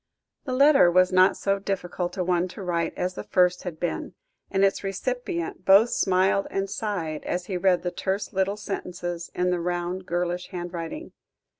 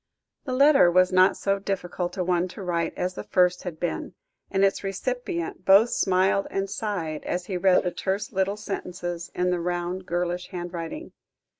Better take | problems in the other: first | noise reduction (neural mask model Resemble Enhance denoiser)

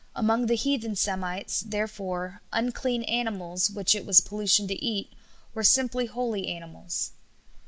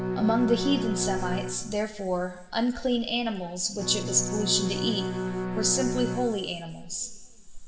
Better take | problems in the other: first | background sound (Bowed string instrument); 5 dB below the speech // room echo; dies away in 2.9 s

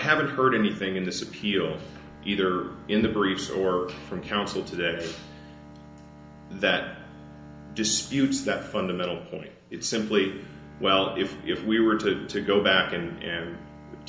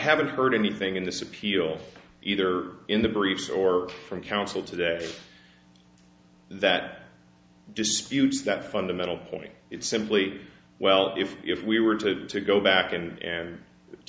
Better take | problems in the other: second | background sound (Bowed string instrument); 19 dB below the speech // room echo; dies away in 1.4 s

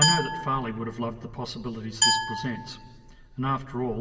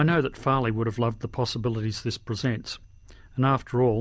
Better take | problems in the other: second | background sound (Glass); 1 dB above the speech // room echo; dies away in 1.8 s

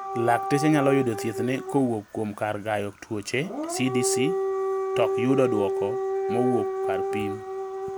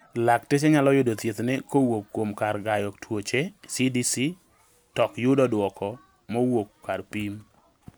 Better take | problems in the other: second | background sound (Siren / Dog); 2 dB below the speech

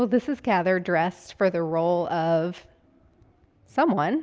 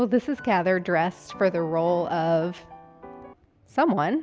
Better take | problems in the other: first | background sound (Piano); 19 dB below the speech

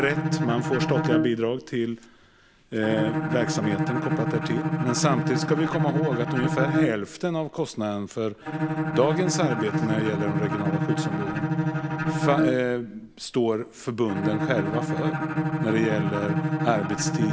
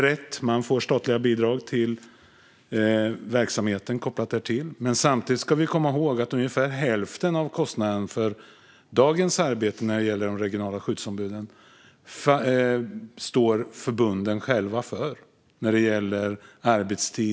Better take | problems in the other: second | background sound (Bowed string instrument); as loud as the speech

